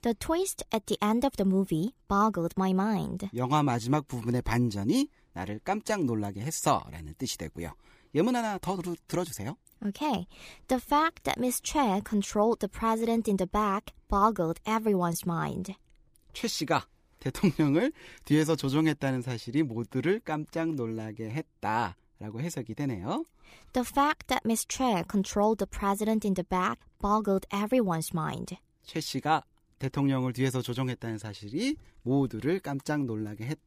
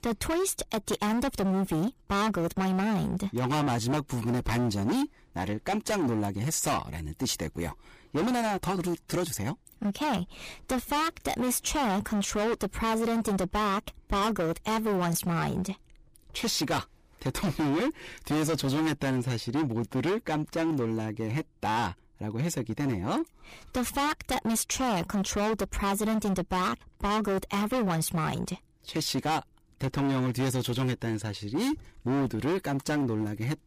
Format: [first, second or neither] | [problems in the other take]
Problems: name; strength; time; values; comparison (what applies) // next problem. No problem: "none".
first | distortion; heavy; 23% of the sound clipped